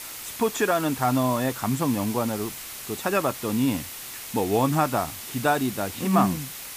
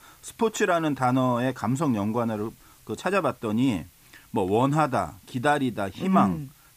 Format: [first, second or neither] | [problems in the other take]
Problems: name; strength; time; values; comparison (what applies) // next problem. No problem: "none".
second | hiss; loud; throughout; 9 dB below the speech; faint in the second